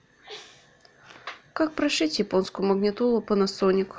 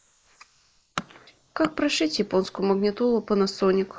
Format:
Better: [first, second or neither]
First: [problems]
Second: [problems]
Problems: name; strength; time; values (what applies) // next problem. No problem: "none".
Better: first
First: none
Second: noise reduction (neural mask model Resemble Enhance denoiser)